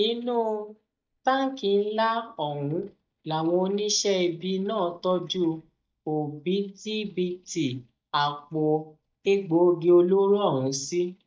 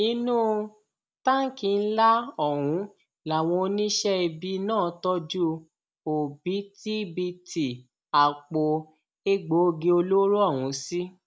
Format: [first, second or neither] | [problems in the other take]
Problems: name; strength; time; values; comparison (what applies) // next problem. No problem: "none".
second | noise reduction (neural mask model DeepFilterNet 3)